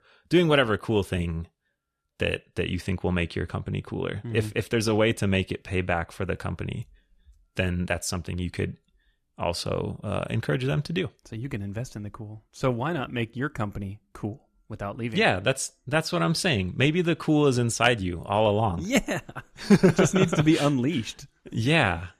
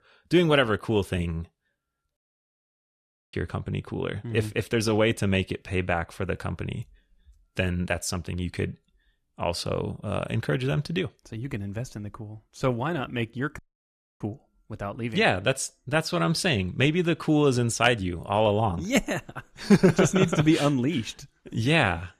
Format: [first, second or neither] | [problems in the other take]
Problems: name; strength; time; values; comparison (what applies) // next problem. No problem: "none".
first | audio cutting out; at 2 s for 1 s and at 14 s for 0.5 s